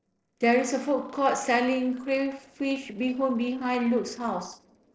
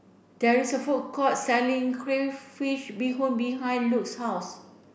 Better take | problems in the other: second | noise reduction (neural separator model SepFormer DNS4)

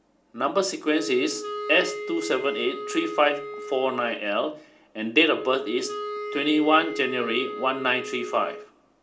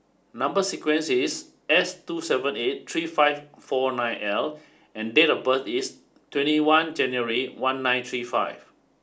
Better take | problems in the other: second | background sound (Wind instrument, woodwind instrument); 10 dB below the speech // room echo; dies away in 0.4 s

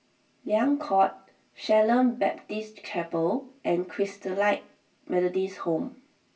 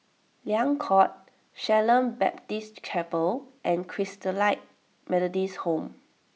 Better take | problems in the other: second | room echo; dies away in 0.1 s

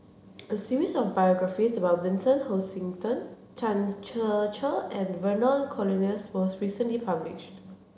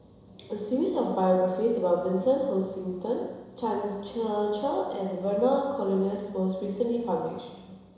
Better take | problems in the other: first | room echo; dies away in 1 s

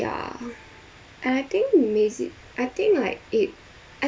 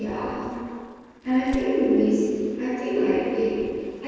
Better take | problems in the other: first | noise reduction (neural separator model SepFormer DNS4)

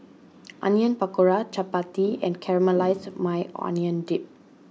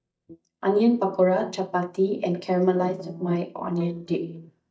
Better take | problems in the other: first | noise reduction (neural mask model DeepFilterNet 3)

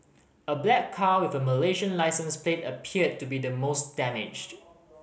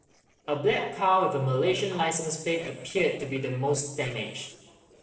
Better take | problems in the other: first | noise reduction (neural separator model SepFormer DNS4)

